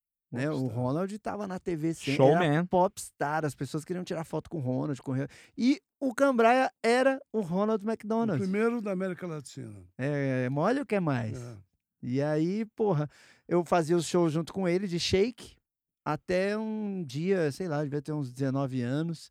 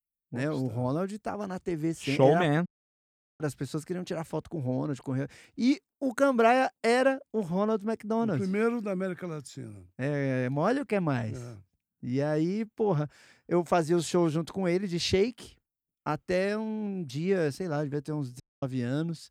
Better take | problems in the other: first | audio cutting out; at 2.5 s for 0.5 s and at 18 s

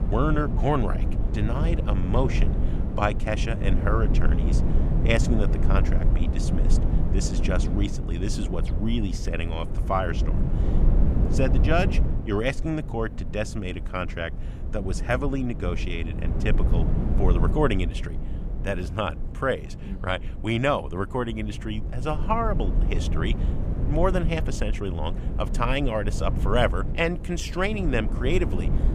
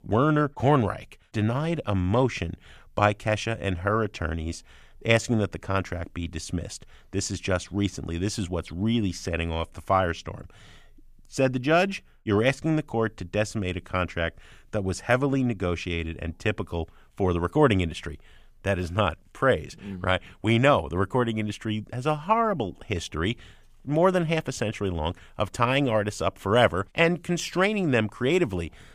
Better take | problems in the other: second | wind noise on the microphone; heavy; 10 dB below the speech

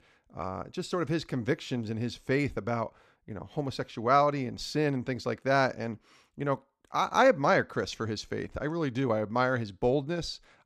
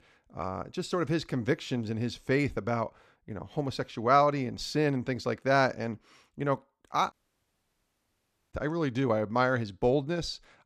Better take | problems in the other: first | audio cutting out; at 7 s for 1.5 s

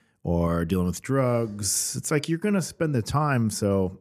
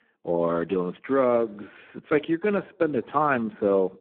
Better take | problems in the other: first | phone-call audio; poor line

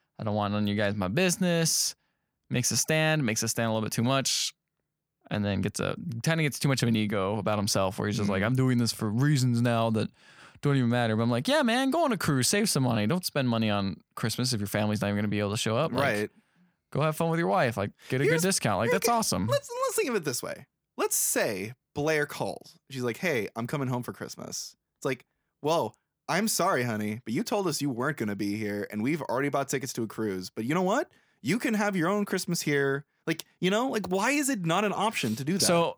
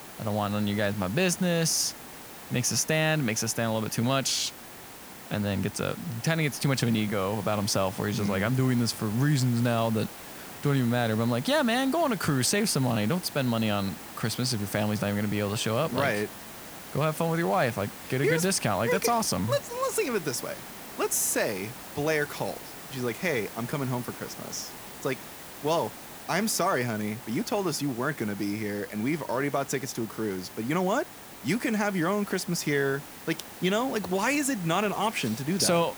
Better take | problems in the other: first | hiss; noticeable; throughout; 15 dB below the speech

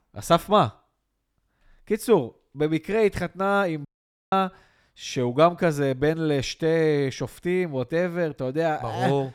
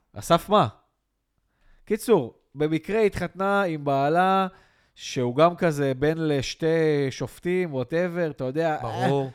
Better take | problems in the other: second | audio cutting out; at 4 s

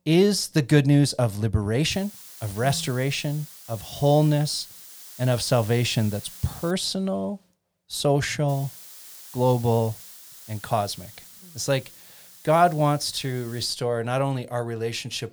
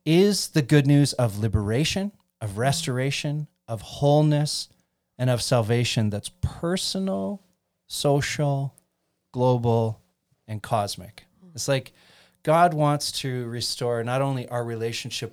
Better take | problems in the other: second | hiss; noticeable; from 2 to 6.5 s and from 8.5 to 14 s; 15 dB below the speech

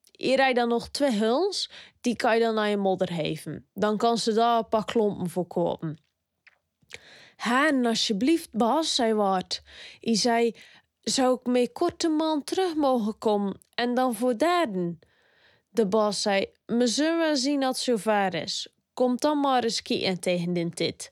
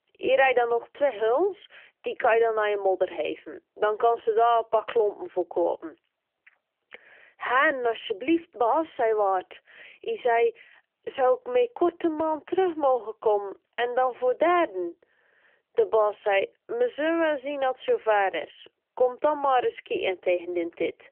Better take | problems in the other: first | phone-call audio; nothing above 3 kHz

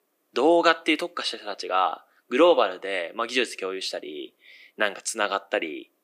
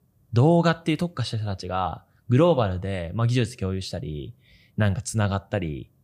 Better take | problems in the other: second | thin; very; fading below 300 Hz

